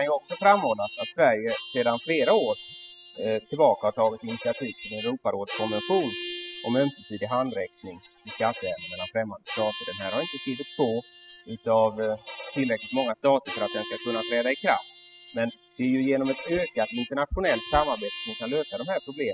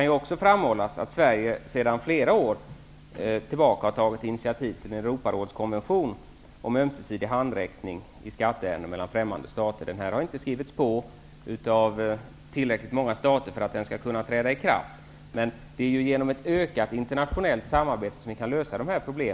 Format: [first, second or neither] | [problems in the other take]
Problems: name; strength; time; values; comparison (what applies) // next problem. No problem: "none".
second | noise reduction (classical method spectral subtraction)